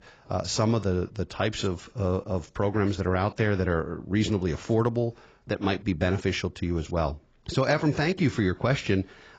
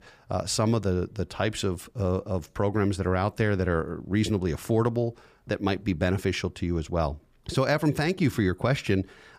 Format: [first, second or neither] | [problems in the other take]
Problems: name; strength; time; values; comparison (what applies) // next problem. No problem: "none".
second | garbled, watery; badly; nothing above 7.5 kHz